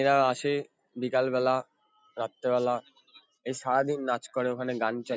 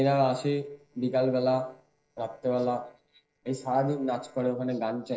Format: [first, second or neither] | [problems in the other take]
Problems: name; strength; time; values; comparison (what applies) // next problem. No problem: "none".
first | noise reduction (neural separator model SepFormer DNS4)